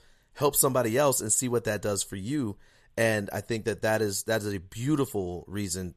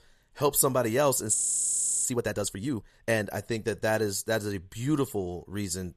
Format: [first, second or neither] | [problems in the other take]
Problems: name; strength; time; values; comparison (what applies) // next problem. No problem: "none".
first | audio freezing; at 1.5 s for 0.5 s